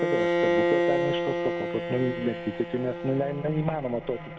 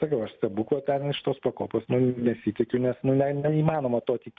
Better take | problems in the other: second | background sound (Bowed string instrument); 1 dB above the speech

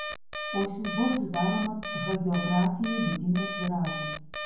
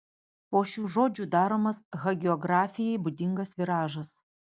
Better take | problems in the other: second | background sound (Alarm); 7 dB below the speech // room echo; dies away in 0.9 s

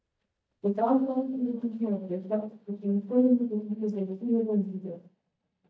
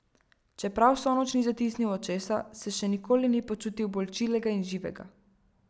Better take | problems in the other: second | noise reduction (neural mask model DeepFilterNet 3)

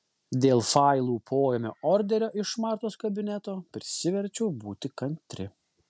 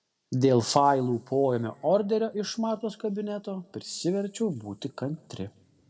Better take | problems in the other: first | room echo; dies away in 1.9 s

